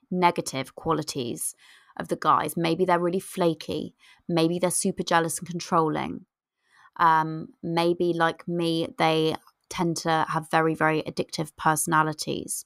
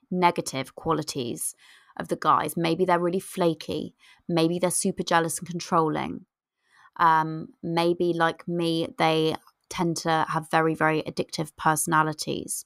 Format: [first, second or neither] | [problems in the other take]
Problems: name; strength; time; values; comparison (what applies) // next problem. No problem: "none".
neither | none